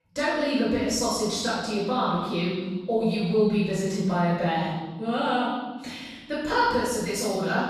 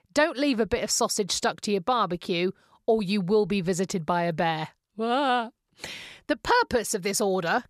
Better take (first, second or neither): second